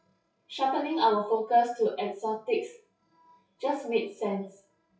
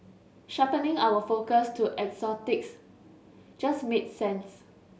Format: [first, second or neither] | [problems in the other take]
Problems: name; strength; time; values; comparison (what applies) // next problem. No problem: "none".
second | noise reduction (classical method WPE with log-MMSE)